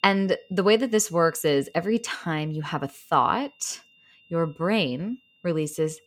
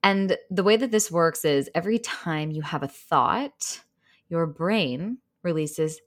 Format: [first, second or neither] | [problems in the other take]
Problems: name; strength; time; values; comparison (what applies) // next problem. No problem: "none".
second | high-pitched whine; faint; throughout; 3 kHz, 35 dB below the speech